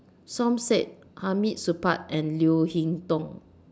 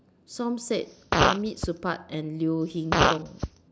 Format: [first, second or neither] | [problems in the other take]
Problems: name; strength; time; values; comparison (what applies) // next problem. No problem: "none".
first | background sound (Fart); 3 dB above the speech